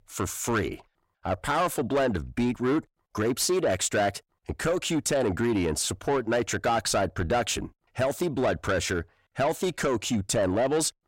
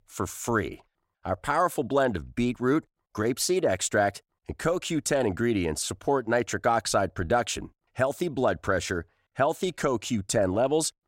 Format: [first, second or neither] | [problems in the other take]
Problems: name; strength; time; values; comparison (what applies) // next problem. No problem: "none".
second | distortion; slight; 10 dB below the speech